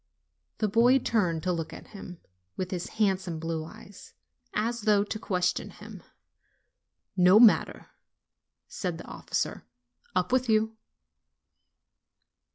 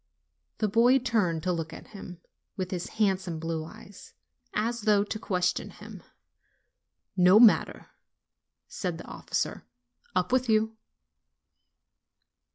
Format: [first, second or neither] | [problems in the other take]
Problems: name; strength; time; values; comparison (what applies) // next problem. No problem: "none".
second | background sound (Tabla); 18 dB below the speech